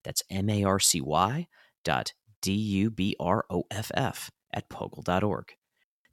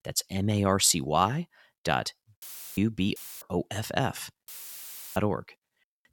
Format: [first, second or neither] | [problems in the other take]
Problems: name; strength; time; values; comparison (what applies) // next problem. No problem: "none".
first | audio cutting out; filled with static; at 2.5 s, at 3 s and at 4.5 s for 0.5 s